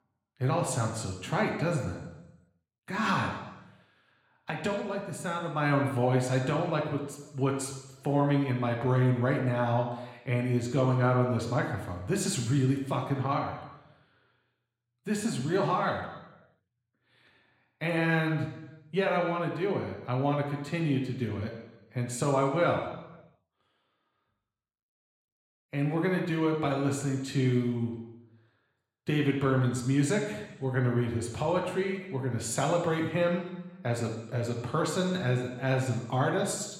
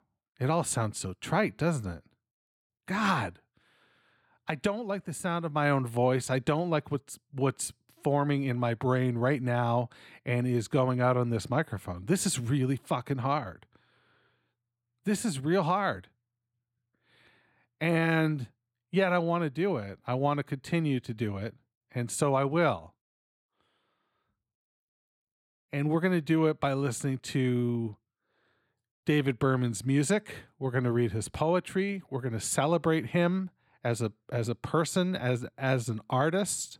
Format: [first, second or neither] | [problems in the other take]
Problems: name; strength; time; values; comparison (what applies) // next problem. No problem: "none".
second | room echo; noticeable; dies away in 0.9 s // off-mic speech; somewhat distant